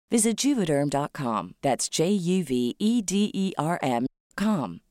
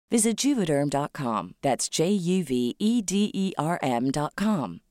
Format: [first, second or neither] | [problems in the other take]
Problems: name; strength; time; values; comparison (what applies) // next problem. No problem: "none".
second | audio cutting out; at 4 s